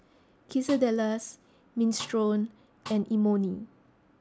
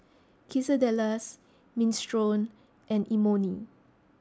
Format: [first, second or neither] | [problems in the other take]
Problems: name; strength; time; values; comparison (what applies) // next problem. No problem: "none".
second | background sound (Snare drum); 19 dB below the speech